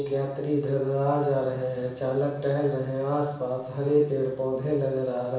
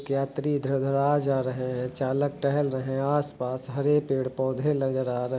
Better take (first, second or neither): second